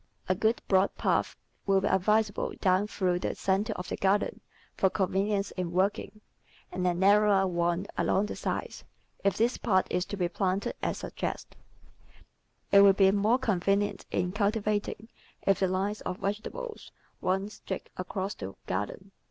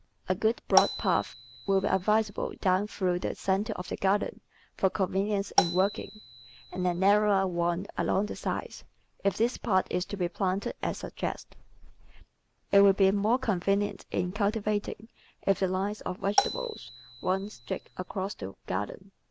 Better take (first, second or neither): first